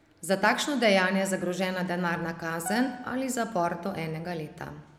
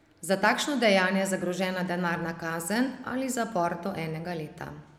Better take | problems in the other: second | background sound (Piano); 15 dB below the speech

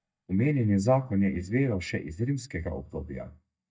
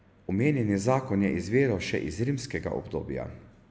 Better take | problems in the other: second | noise reduction (neural mask model DeepFilterNet 3)

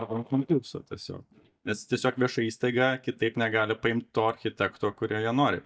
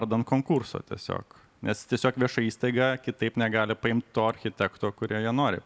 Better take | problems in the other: second | noise reduction (neural mask model DeepFilterNet 3)

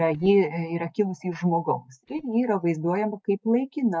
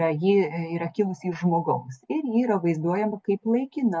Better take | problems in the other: second | noise reduction (neural mask model DeepFilterNet 3)

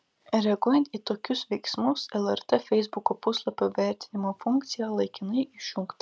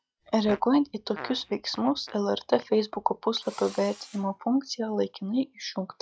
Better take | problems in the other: first | noise reduction (classical method log-MMSE)

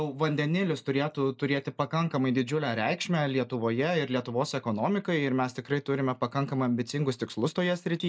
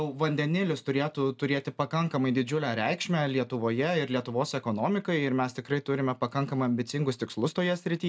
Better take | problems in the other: second | noise reduction (neural mask model Resemble Enhance denoiser)

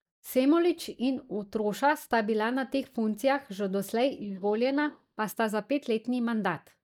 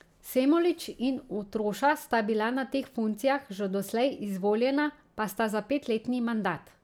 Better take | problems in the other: second | noise reduction (neural mask model DeepFilterNet 3)

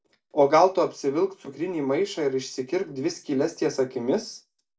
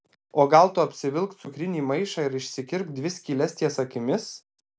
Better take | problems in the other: second | room echo; dies away in 0.2 s

